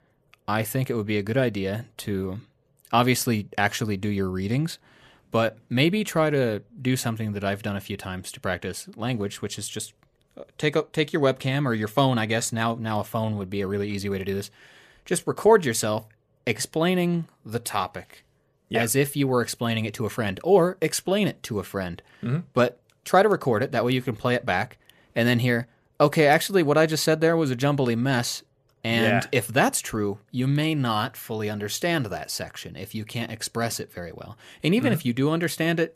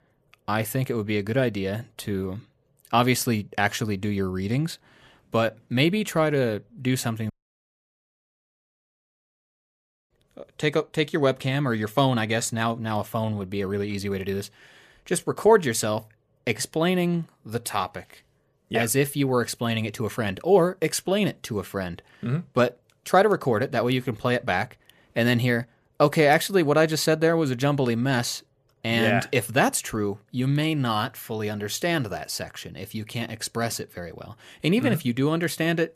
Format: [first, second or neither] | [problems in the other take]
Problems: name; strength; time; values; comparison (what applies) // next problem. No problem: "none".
first | audio cutting out; at 7.5 s for 3 s